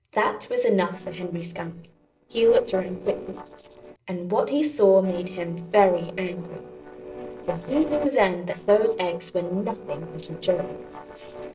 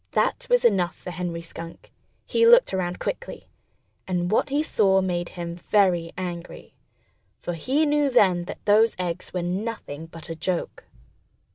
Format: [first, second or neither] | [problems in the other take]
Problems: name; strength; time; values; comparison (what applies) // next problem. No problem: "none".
second | noise reduction (neural separator model SepFormer DNS4)